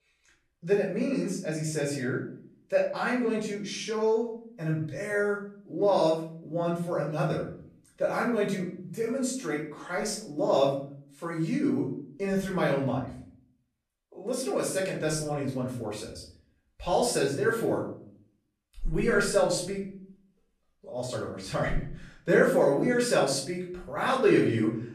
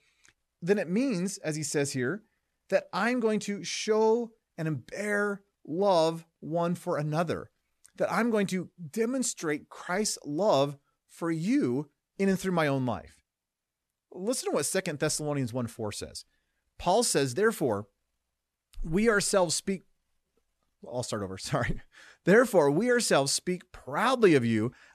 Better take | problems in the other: second | off-mic speech; far // room echo; noticeable; dies away in 0.5 s

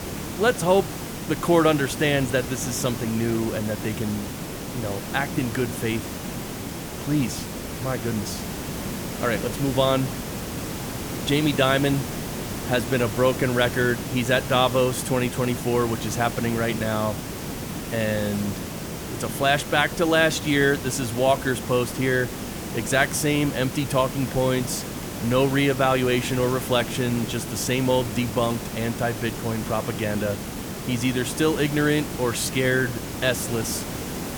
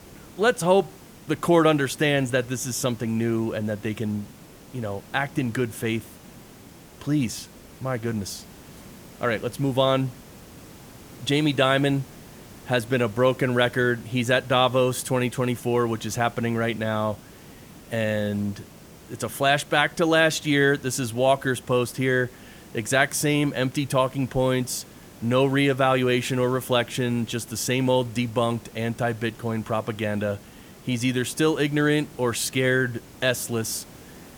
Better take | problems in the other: second | hiss; loud; throughout; 7 dB below the speech; faint in the second

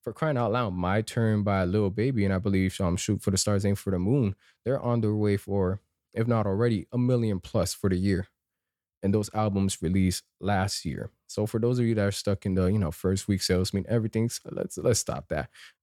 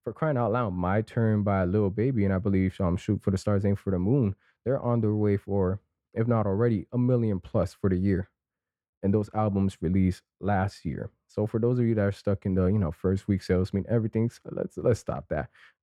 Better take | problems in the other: first | muffled; very; fading above 3 kHz

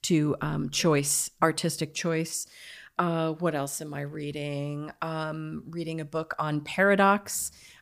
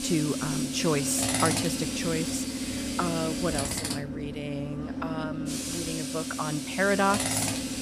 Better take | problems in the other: first | machinery noise; very loud; throughout; as loud as the speech

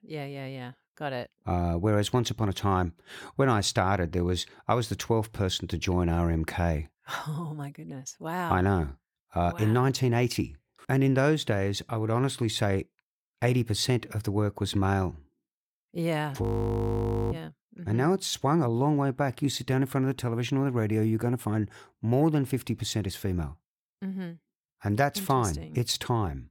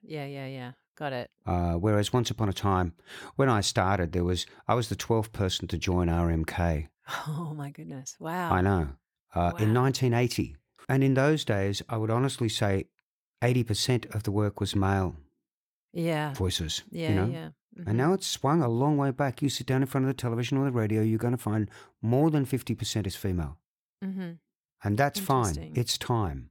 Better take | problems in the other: second | audio freezing; at 16 s for 1 s

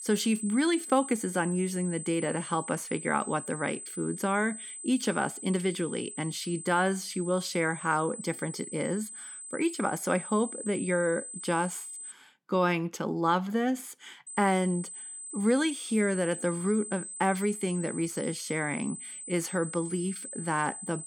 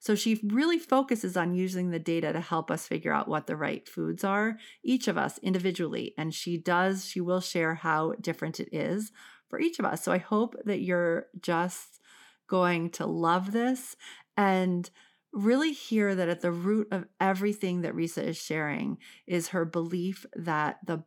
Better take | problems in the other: second | high-pitched whine; loud; until 12 s and from 14 s on; 8 kHz, 9 dB below the speech

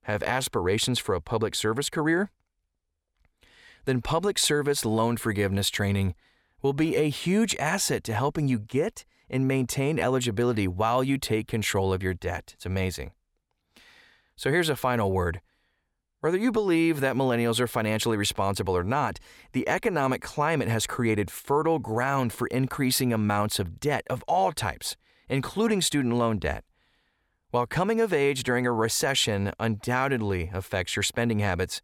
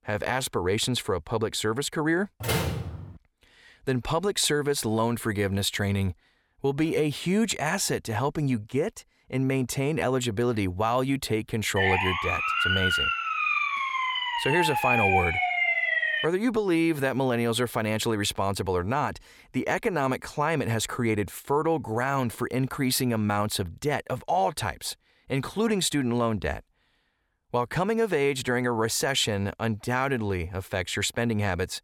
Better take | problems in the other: first | door banging; noticeable; at 2.5 s; peak level with the speech // siren; loud; from 12 to 16 s; peak 5 dB above the speech

